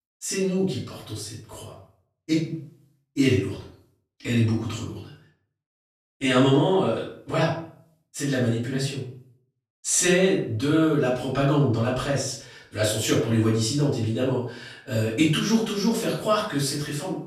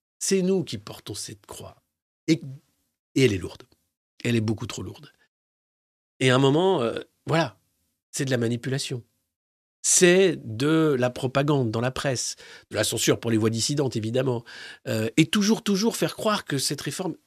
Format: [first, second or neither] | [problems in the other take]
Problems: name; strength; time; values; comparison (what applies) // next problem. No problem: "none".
second | off-mic speech; far // room echo; noticeable; dies away in 0.4 s